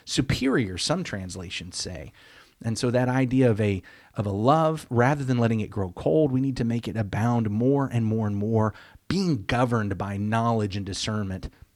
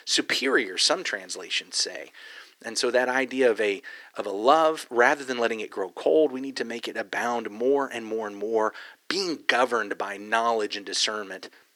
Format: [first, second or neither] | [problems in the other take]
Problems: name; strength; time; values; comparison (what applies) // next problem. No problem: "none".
first | thin; very; fading below 350 Hz